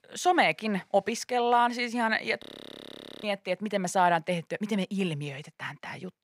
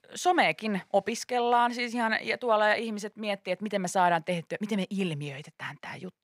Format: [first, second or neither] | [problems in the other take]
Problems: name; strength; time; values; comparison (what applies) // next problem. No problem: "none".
second | audio freezing; at 2.5 s for 1 s